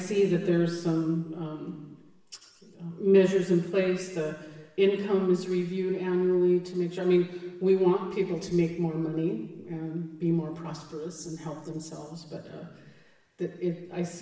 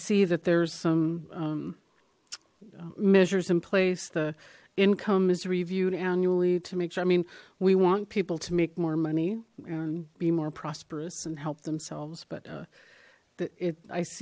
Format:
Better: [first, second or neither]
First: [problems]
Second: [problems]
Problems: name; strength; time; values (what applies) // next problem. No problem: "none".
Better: second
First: room echo; dies away in 1.1 s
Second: none